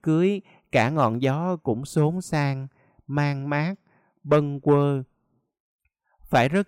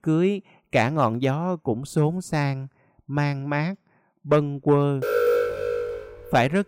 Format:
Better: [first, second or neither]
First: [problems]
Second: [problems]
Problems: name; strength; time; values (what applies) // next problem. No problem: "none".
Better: first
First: none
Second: alarm; loud; from 5 to 6 s; peak 3 dB above the speech